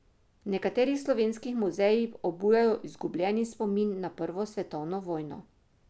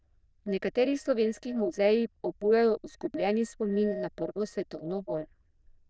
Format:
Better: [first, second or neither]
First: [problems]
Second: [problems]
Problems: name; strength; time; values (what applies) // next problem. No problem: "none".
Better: first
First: none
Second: noise reduction (neural diffusion model UNIVERSE++)